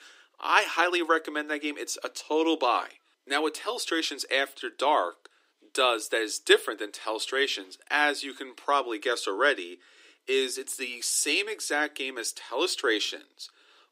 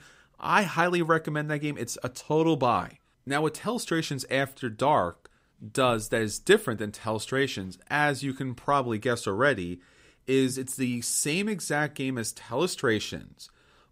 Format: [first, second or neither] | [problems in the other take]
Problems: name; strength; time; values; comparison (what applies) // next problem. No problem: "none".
second | thin; somewhat; fading below 300 Hz